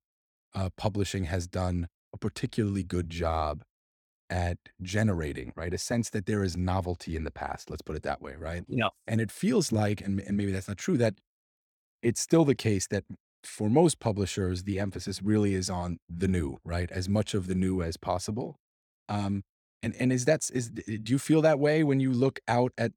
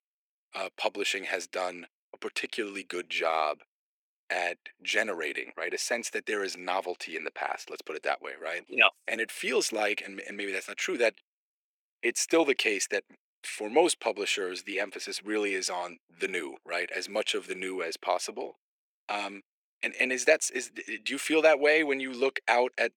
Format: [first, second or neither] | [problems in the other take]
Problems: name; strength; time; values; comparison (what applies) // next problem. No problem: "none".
first | thin; very; fading below 350 Hz